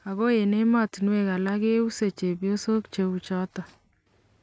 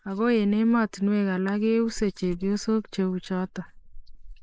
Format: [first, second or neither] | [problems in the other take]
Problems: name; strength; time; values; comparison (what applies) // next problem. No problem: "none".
first | noise reduction (neural mask model Resemble Enhance denoiser)